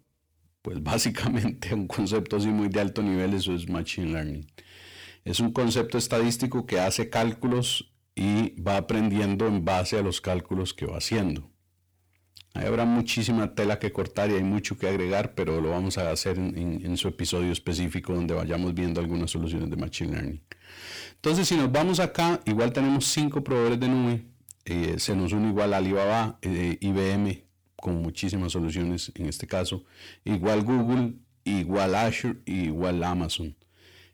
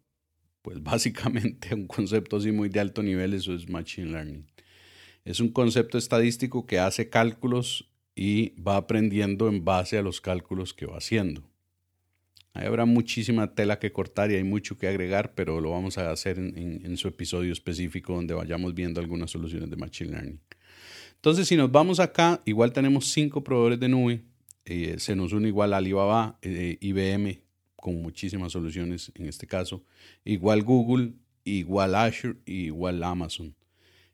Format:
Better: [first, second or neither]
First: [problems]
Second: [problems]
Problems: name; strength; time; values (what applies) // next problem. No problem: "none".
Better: second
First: distortion; heavy; 7 dB below the speech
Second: none